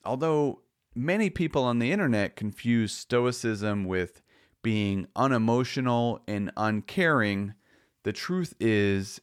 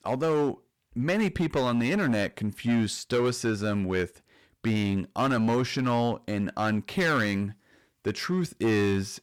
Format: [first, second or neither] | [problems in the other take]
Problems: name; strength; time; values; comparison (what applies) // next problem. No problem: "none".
first | distortion; slight; 9% of the sound clipped